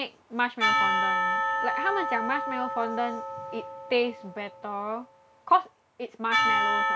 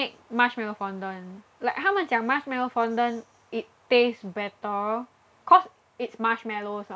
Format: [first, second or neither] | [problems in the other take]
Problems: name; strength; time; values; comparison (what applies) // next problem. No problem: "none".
second | background sound (Percussion); 2 dB above the speech